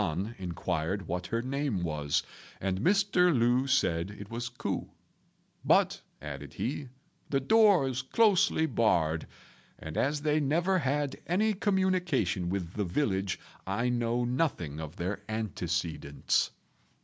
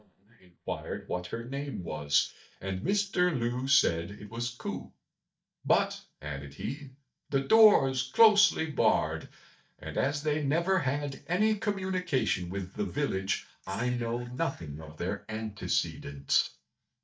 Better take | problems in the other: first | noise reduction (neural mask model DeepFilterNet 3)

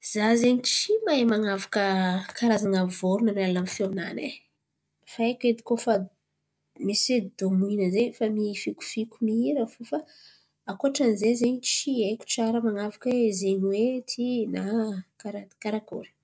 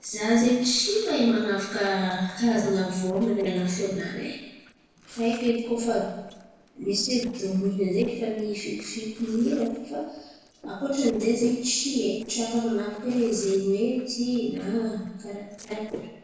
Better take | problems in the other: first | noise reduction (neural separator model SepFormer DNS4)

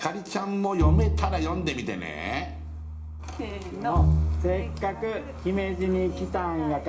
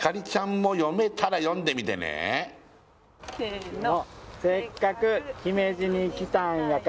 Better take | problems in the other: second | background sound (Bowed string instrument); 1 dB above the speech // room echo; dies away in 0.4 s

